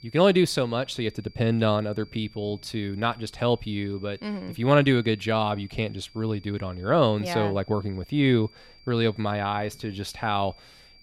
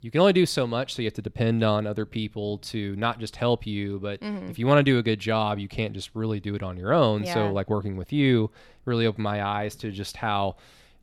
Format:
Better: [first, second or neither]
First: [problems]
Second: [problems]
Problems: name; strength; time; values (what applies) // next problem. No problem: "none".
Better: second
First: high-pitched whine; faint; throughout; 4.5 kHz, 25 dB below the speech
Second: none